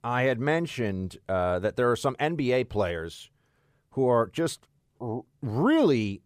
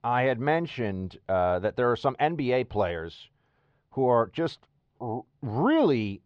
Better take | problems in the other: first | muffled; very slightly; fading above 4.5 kHz

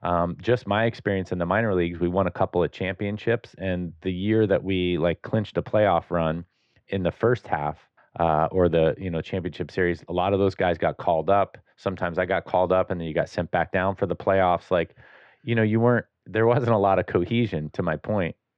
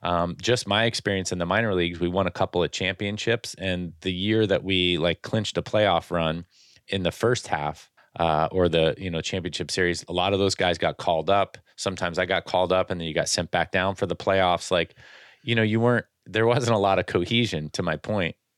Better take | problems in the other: second | muffled; very; fading above 1.5 kHz

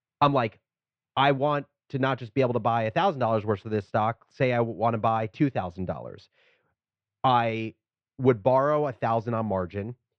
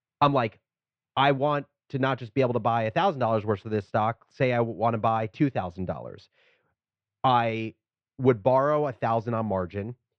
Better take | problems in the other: neither | muffled; slightly; fading above 3 kHz; the same in both

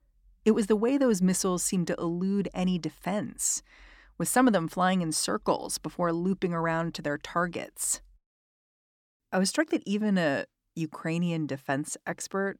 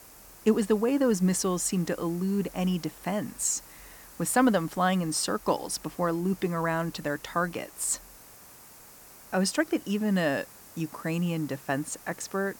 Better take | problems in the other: first | hiss; noticeable; throughout; 20 dB below the speech

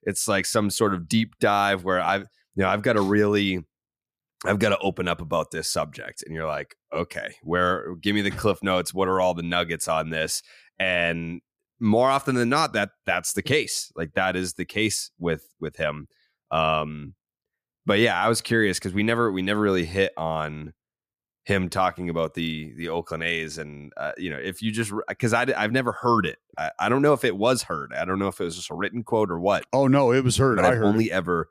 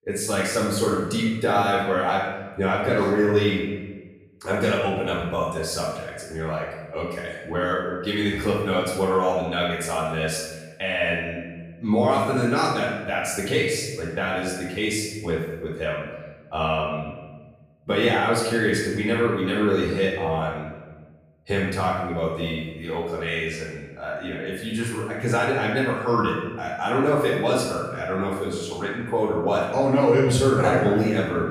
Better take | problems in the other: first | off-mic speech; far // room echo; noticeable; dies away in 1.1 s

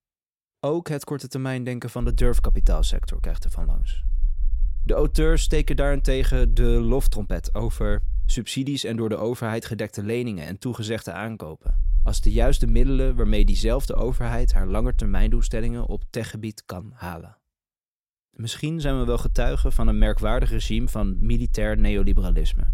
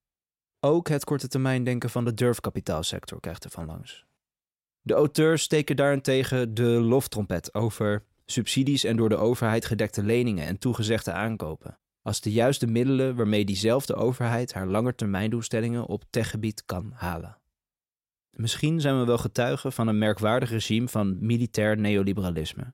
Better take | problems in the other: second | low rumble; faint; from 2 to 8.5 s, from 12 to 16 s and from 19 s on; 25 dB below the speech

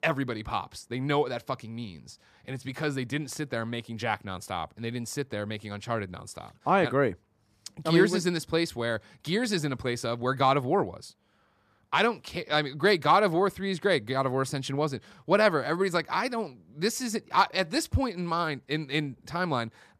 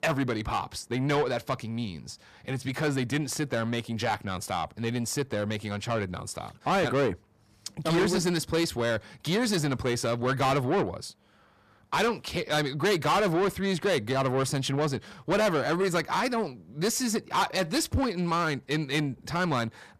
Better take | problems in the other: first | distortion; heavy; 7 dB below the speech

